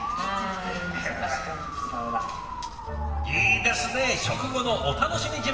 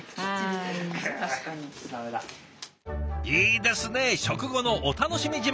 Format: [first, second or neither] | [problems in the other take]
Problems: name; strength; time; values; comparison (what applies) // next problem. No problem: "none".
second | background sound (Motor vehicle (road) / Siren); 6 dB below the speech // room echo; dies away in 2.4 s